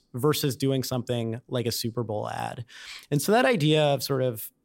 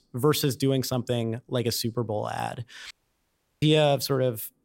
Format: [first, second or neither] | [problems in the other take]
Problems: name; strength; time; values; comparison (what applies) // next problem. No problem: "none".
first | audio cutting out; at 3 s for 0.5 s